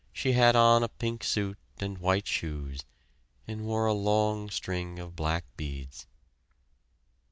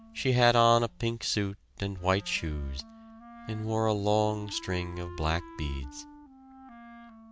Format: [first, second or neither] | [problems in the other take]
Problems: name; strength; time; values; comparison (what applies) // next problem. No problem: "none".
first | background sound (Wind instrument, woodwind instrument); 19 dB below the speech